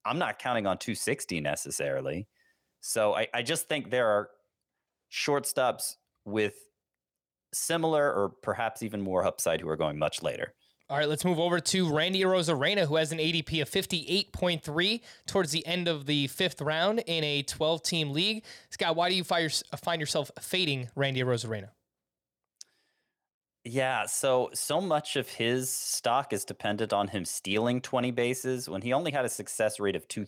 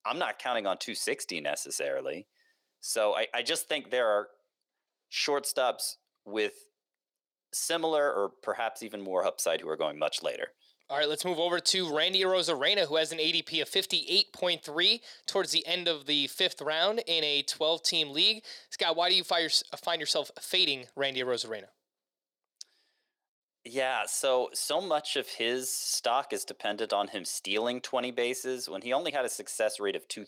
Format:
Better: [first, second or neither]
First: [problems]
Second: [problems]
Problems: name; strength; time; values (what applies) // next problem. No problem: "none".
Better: first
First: none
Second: thin; somewhat; fading below 400 Hz